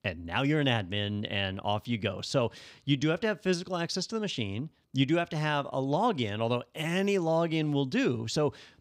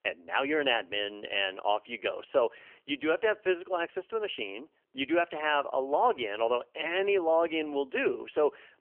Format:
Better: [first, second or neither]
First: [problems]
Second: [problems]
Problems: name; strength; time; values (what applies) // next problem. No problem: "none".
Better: first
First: none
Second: phone-call audio; nothing above 3 kHz